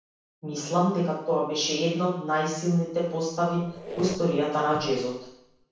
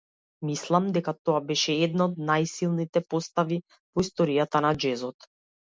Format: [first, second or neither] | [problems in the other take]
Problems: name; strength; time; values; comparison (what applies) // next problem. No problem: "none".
second | background sound (Squeak); 16 dB below the speech // room echo; dies away in 0.7 s